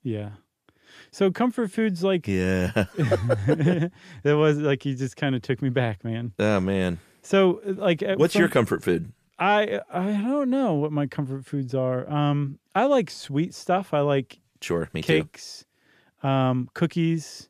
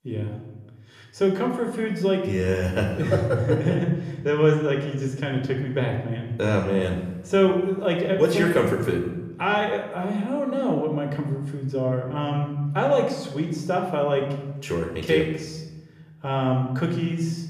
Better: first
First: none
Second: room echo; slight; dies away in 0.9 s

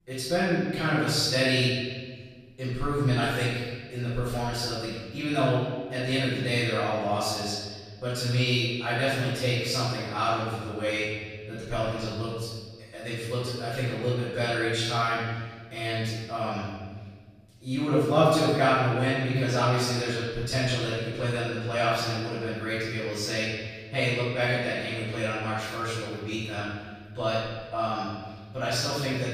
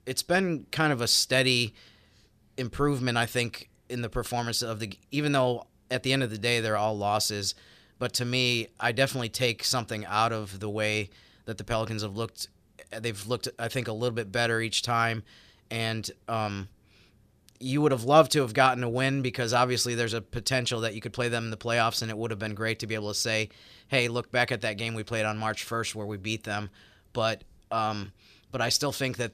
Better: second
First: off-mic speech; far // room echo; strong; dies away in 1.5 s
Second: none

